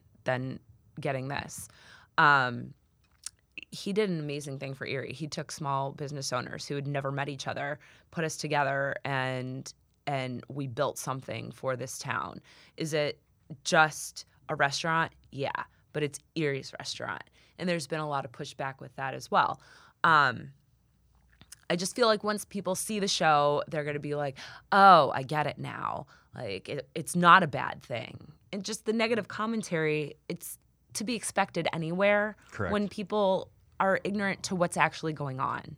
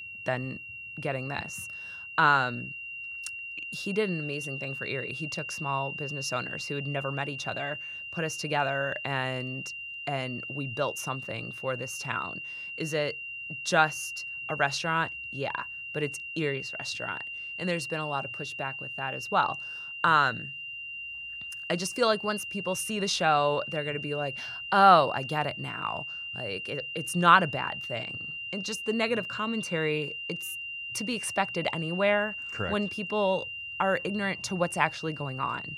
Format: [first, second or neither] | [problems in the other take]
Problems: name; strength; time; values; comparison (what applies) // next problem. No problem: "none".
first | high-pitched whine; loud; throughout; 3 kHz, 7 dB below the speech